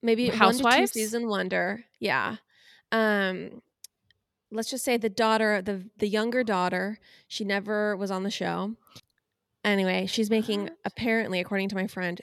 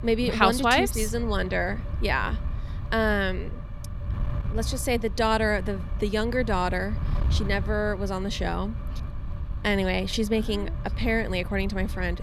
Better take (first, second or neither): first